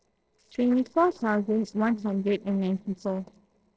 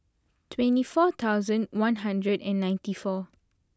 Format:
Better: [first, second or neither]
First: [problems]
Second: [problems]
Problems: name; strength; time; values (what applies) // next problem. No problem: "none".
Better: second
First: noise reduction (neural separator model SepFormer DNS4)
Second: none